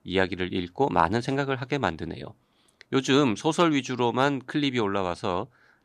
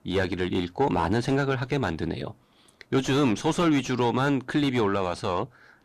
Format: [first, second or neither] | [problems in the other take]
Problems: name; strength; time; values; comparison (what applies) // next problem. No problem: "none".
first | distortion; heavy; 6 dB below the speech